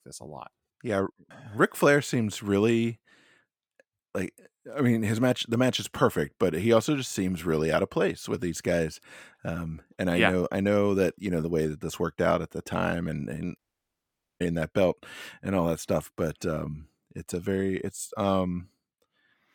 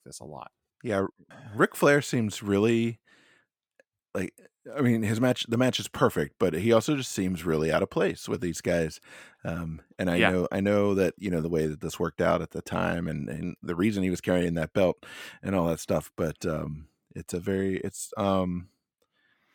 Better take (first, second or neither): second